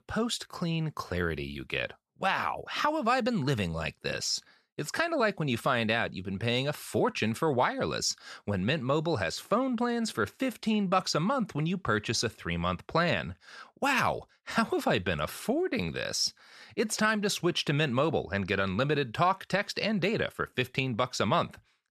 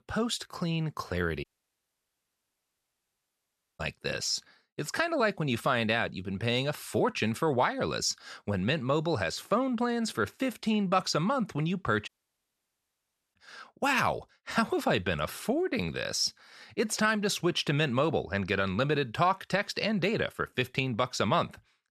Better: first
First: none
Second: audio cutting out; at 1.5 s for 2.5 s and at 12 s for 1.5 s

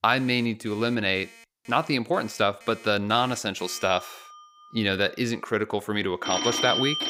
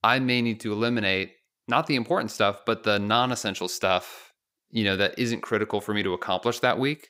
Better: second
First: alarms or sirens; loud; throughout; 2 dB below the speech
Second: none

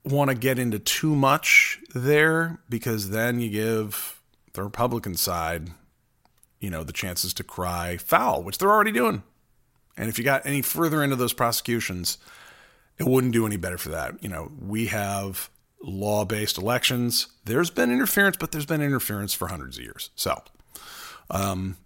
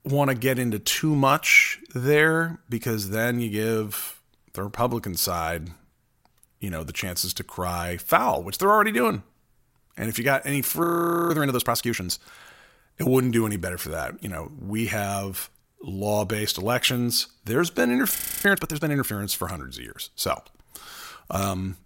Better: first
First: none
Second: audio freezing; at 11 s and at 18 s

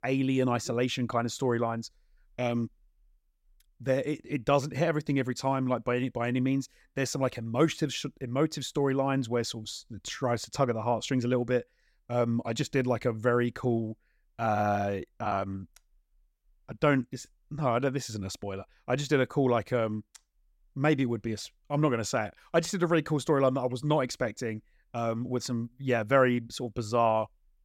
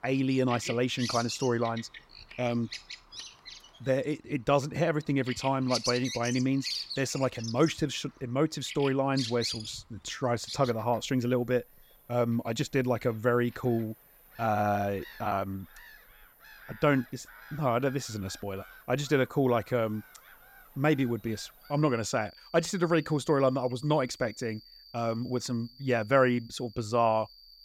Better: first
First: none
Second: animal sounds; noticeable; throughout; 10 dB below the speech

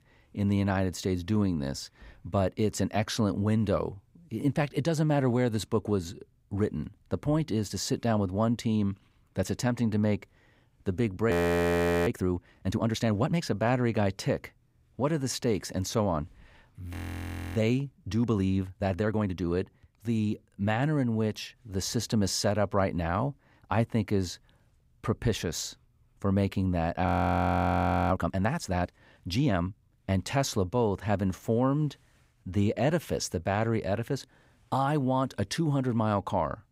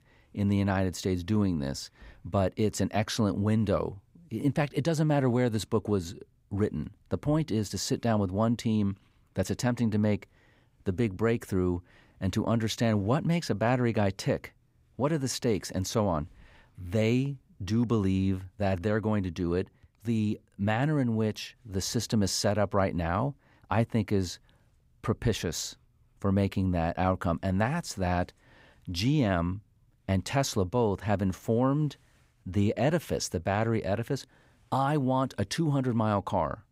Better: second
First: audio freezing; at 11 s for 1 s, at 17 s for 0.5 s and at 27 s for 1 s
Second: none

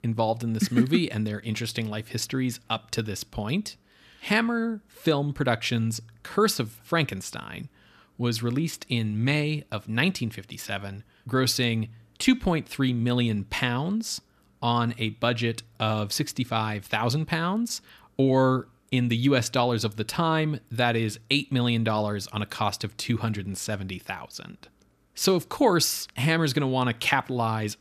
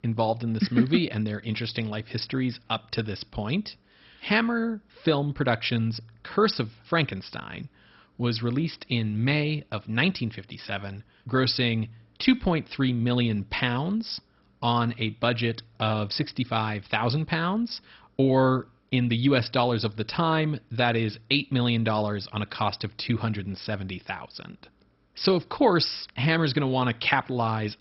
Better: first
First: none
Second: garbled, watery; badly; nothing above 5.5 kHz

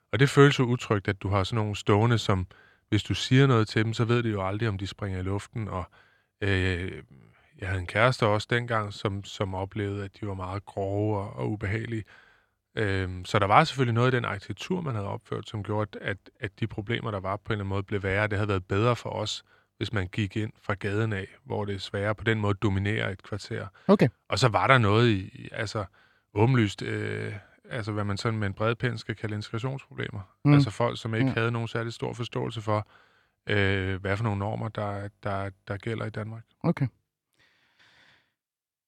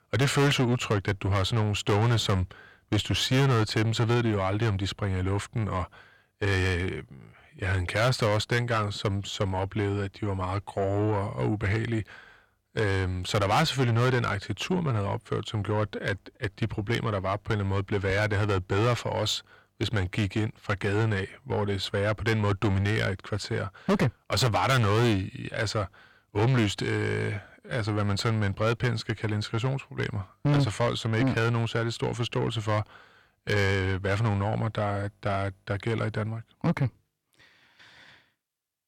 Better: first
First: none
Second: distortion; heavy; 6 dB below the speech

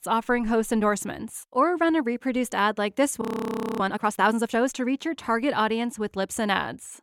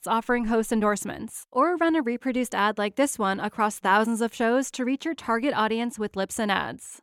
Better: second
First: audio freezing; at 3 s for 0.5 s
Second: none

